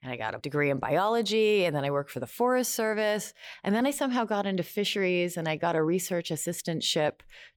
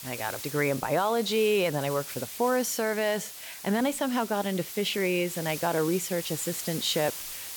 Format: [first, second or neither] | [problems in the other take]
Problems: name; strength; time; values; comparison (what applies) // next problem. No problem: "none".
first | hiss; loud; throughout; 9 dB below the speech